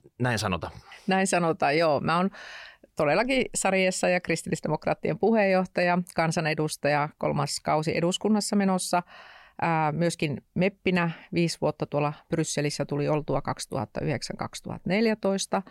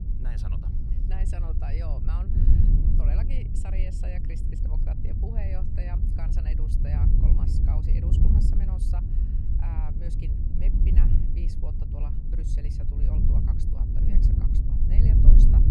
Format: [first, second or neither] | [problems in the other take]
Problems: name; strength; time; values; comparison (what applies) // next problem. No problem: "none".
first | wind noise on the microphone; heavy; 4 dB above the speech